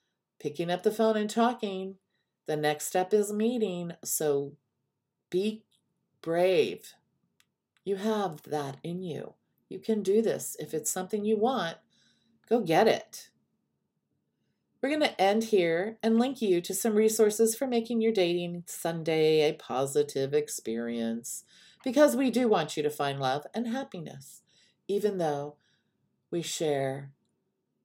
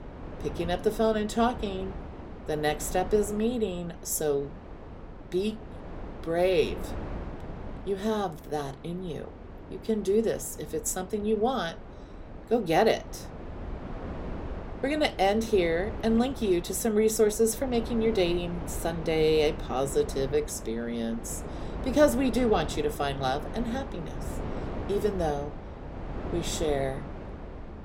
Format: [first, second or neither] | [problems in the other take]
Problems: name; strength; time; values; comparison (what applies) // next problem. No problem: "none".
first | wind noise on the microphone; occasional gusts; 15 dB below the speech